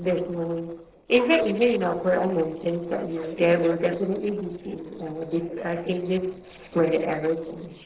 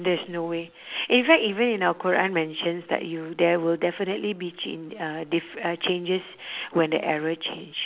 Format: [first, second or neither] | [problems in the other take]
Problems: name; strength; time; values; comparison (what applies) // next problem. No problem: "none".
second | noise reduction (neural separator model SepFormer DNS4)